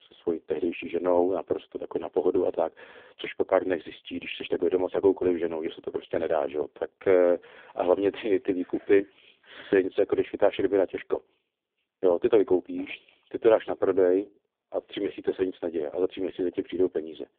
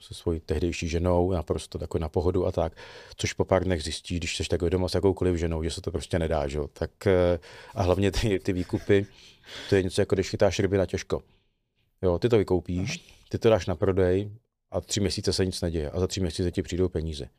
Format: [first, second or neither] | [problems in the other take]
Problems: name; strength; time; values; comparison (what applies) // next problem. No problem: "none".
second | phone-call audio; poor line